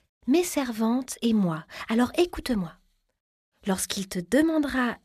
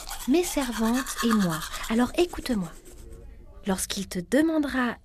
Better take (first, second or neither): first